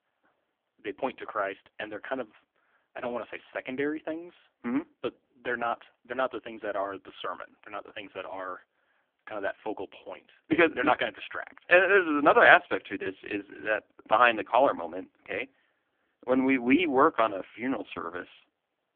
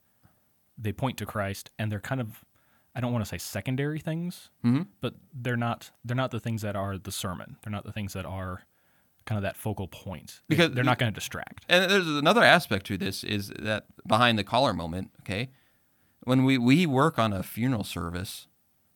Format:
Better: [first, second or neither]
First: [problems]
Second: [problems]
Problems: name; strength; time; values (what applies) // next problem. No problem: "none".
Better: second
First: phone-call audio; poor line; nothing above 3.5 kHz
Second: none